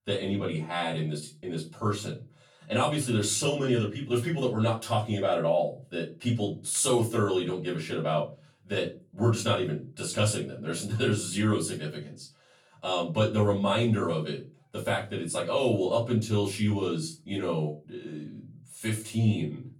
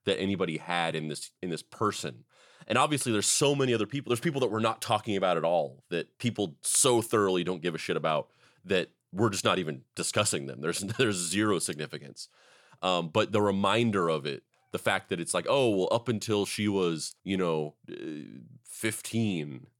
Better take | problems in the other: second | off-mic speech; far // room echo; slight; dies away in 0.3 s

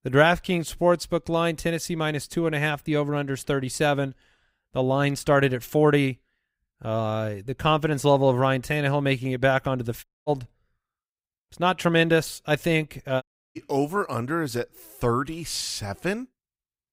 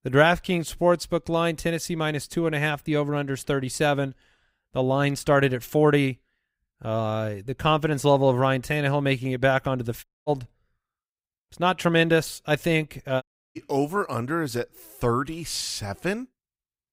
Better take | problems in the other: neither | audio cutting out; at 10 s and at 13 s; the same in both

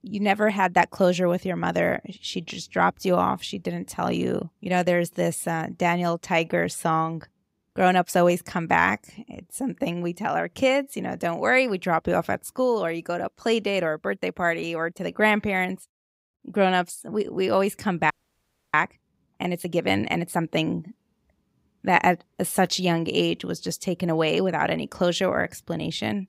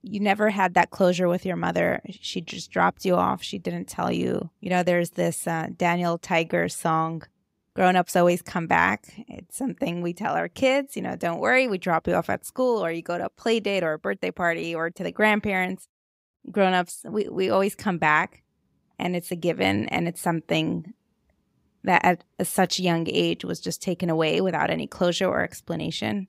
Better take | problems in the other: second | audio freezing; at 18 s for 0.5 s

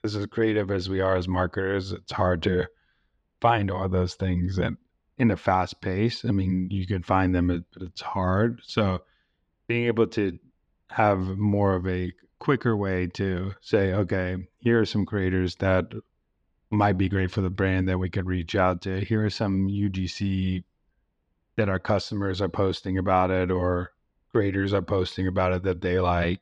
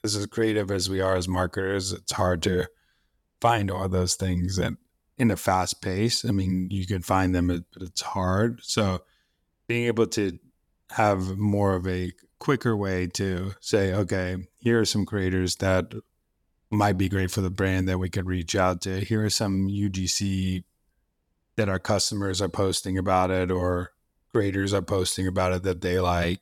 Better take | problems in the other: second | muffled; slightly; fading above 3.5 kHz

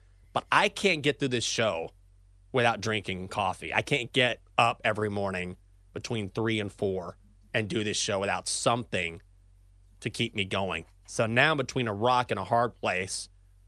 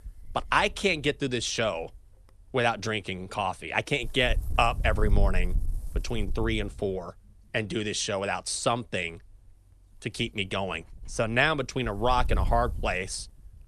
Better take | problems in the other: first | wind noise on the microphone; occasional gusts; 25 dB below the speech

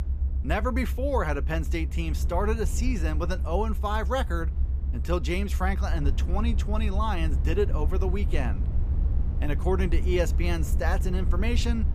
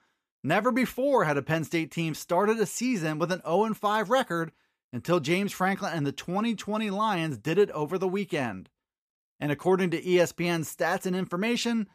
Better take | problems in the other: second | low rumble; noticeable; throughout; 15 dB below the speech

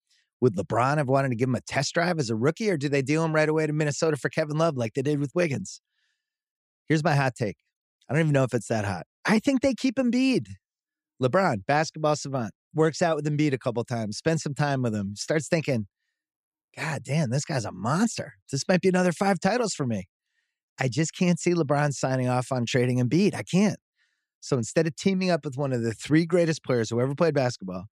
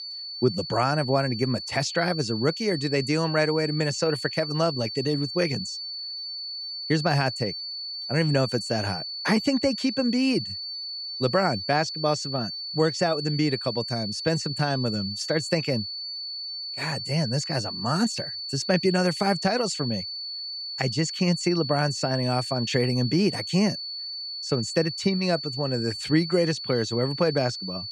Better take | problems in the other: first | high-pitched whine; loud; throughout; 4.5 kHz, 6 dB below the speech

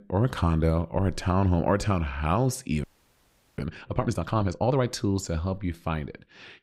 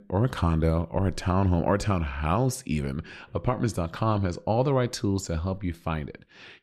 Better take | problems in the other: second | audio freezing; at 3 s for 0.5 s

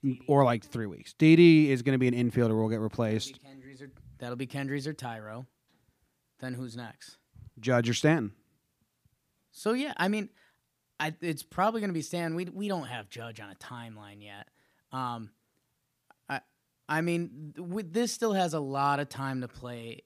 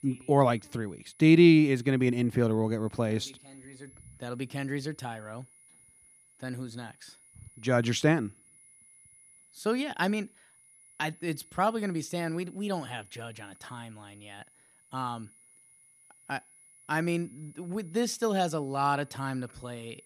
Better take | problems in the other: first | high-pitched whine; faint; throughout; 10.5 kHz, 30 dB below the speech

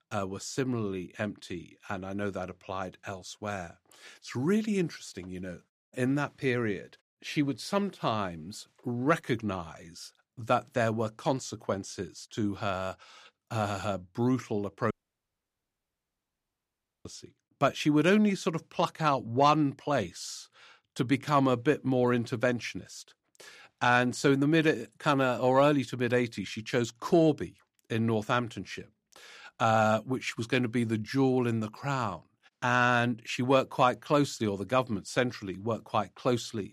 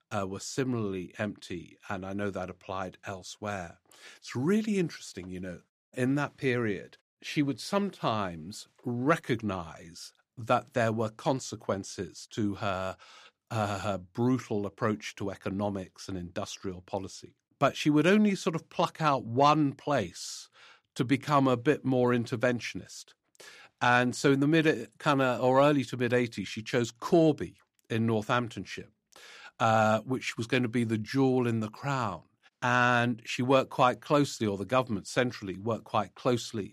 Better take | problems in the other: second | audio cutting out; at 15 s for 2 s

